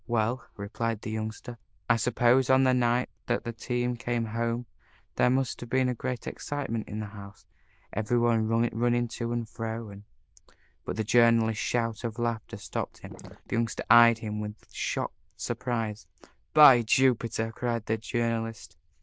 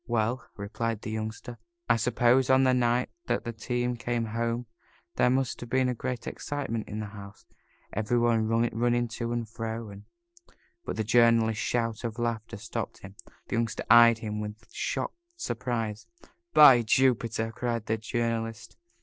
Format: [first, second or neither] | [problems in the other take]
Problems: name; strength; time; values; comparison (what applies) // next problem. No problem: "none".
second | noise reduction (neural diffusion model UNIVERSE++)